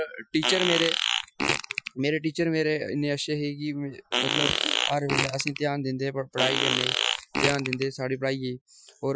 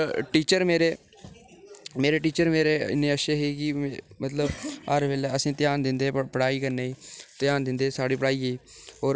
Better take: second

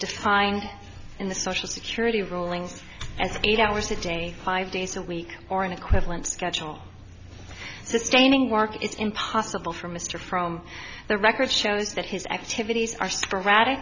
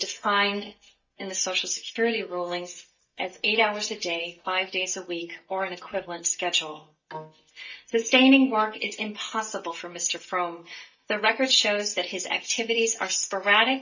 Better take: first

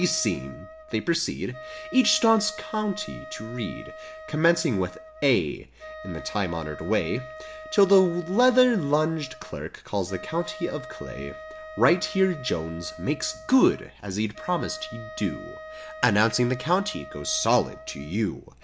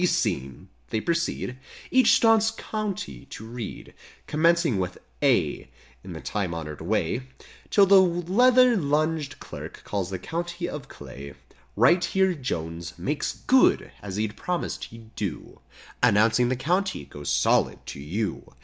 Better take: second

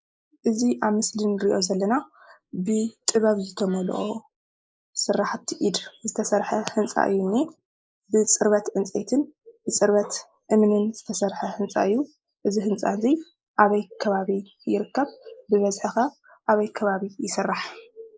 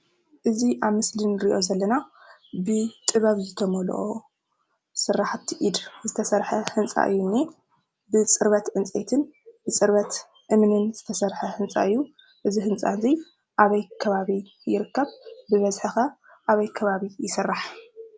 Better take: second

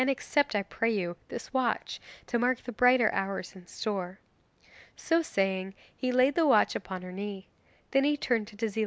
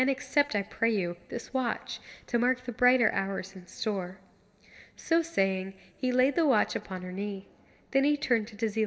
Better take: first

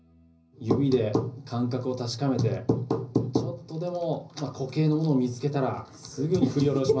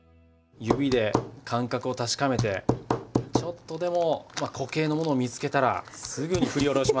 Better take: second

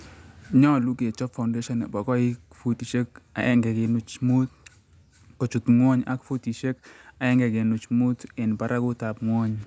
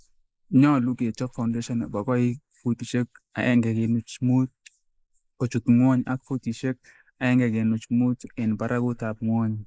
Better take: first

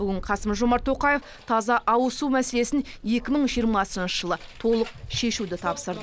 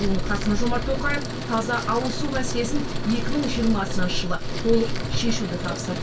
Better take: first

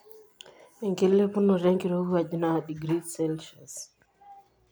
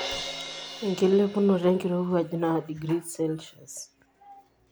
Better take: first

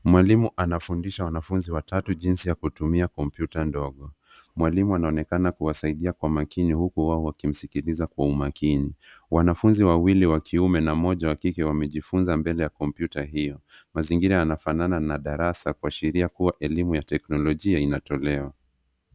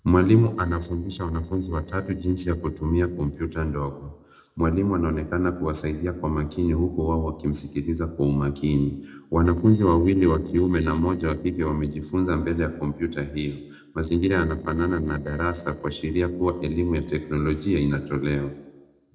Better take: first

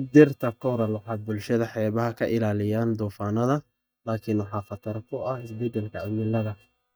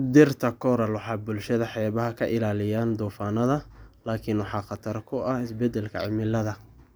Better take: second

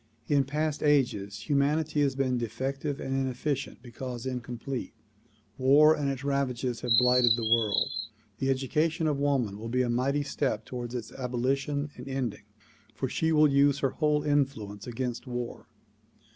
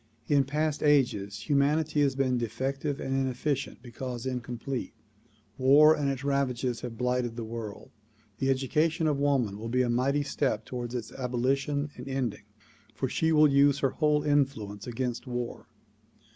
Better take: second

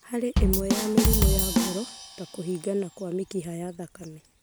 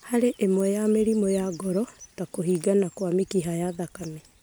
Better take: second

